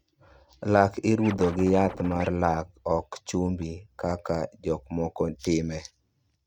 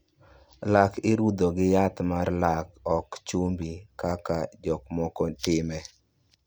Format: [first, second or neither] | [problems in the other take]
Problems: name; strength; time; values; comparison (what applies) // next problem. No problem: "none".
second | noise reduction (neural mask model RNNoise)